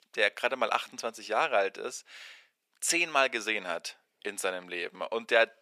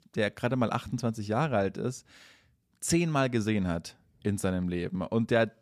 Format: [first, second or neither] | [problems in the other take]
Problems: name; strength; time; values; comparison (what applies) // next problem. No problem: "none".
second | thin; very; fading below 500 Hz